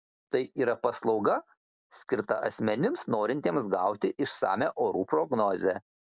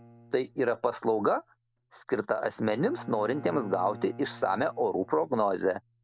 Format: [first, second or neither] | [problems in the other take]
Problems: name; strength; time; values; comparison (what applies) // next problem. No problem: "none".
first | background sound (Bowed string instrument); 19 dB below the speech